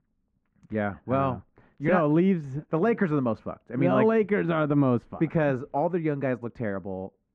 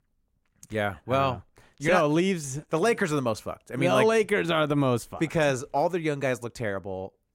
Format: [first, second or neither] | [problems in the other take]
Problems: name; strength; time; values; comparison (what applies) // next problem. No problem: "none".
second | muffled; very; fading above 1.5 kHz